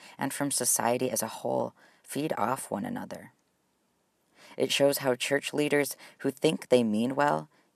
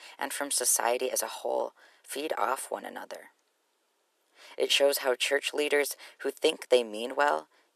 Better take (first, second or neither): first